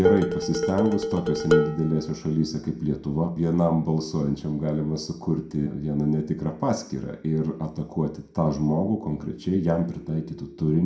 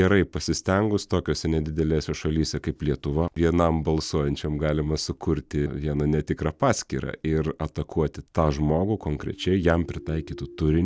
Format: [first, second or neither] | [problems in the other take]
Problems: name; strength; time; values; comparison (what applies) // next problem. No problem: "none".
second | background sound (Dishes, pots, and pans); 1 dB below the speech // room echo; dies away in 0.5 s